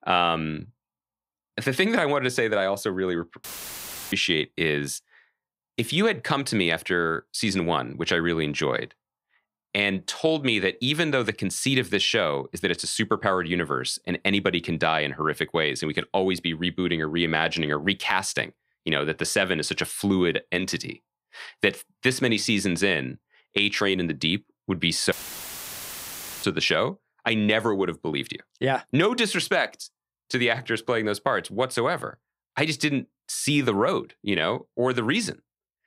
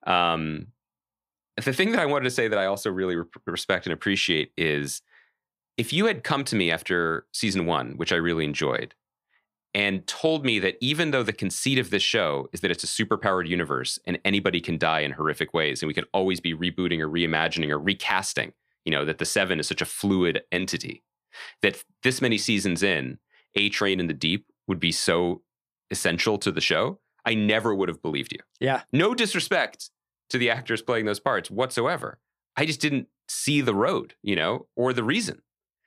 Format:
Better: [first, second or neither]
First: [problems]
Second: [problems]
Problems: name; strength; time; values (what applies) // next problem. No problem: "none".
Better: second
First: audio cutting out; filled with static; at 3.5 s for 0.5 s and at 25 s for 1.5 s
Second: none